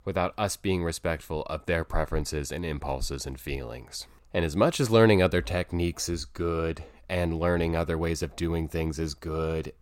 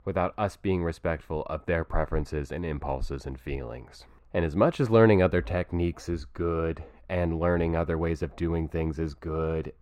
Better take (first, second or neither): first